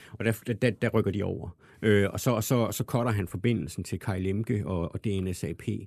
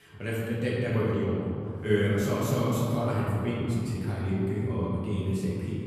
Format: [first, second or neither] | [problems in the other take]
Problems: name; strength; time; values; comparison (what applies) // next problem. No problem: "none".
first | room echo; strong; dies away in 2.4 s // off-mic speech; far